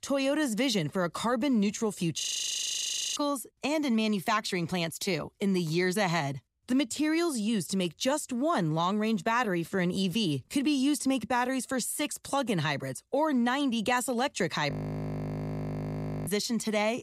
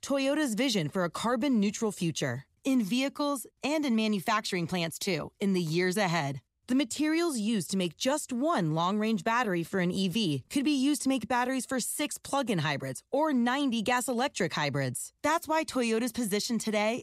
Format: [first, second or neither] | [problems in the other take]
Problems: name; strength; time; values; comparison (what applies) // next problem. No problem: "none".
second | audio freezing; at 2 s for 1 s and at 15 s for 1.5 s